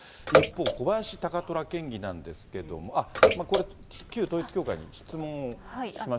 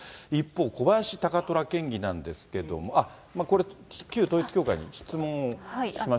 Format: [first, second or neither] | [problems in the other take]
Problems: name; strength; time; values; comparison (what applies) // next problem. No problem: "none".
second | background sound (Bathtub (filling or washing) / Water / Splash, splatter); 2 dB above the speech